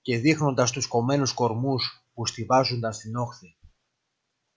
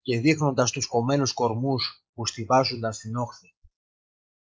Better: first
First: none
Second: noise reduction (neural mask model Resemble Enhance denoiser)

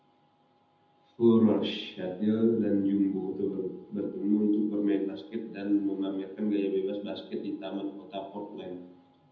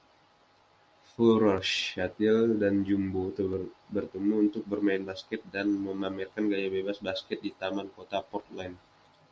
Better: second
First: room echo; dies away in 0.8 s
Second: none

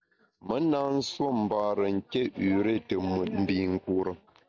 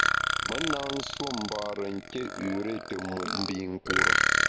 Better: first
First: none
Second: background sound (Burping, eructation); 5 dB above the speech

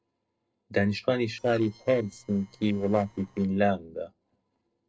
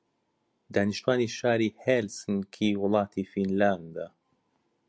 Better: second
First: noise reduction (neural separator model SepFormer DNS4)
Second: none

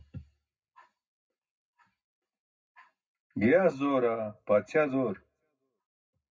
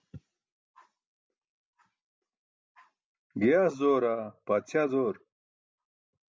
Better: second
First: room echo; dies away in 0.3 s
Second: none

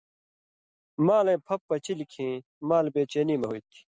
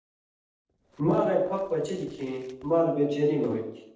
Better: first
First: none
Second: noise reduction (neural separator model SepFormer DNS4)

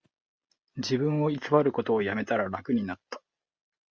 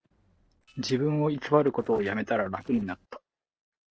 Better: first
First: none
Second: noise reduction (neural separator model SepFormer DNS4)

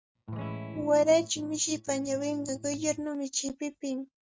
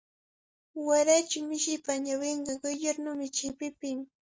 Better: second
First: noise reduction (neural mask model RNNoise)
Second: none

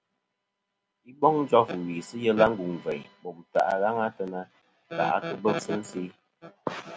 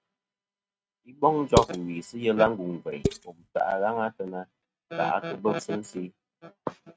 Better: first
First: none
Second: noise reduction (neural mask model RNNoise)

